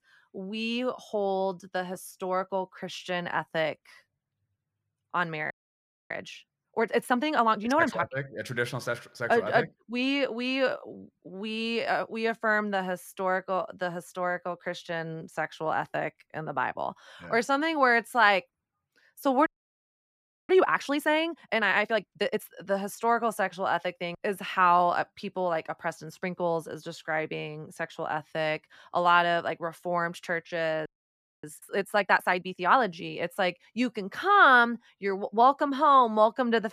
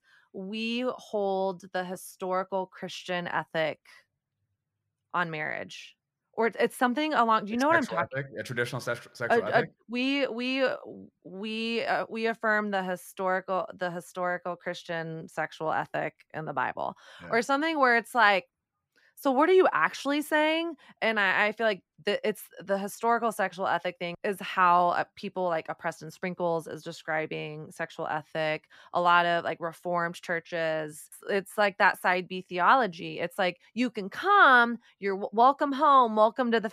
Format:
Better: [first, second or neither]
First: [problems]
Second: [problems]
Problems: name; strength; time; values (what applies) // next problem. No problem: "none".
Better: second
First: audio freezing; at 5.5 s for 0.5 s, at 19 s for 1 s and at 31 s for 0.5 s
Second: none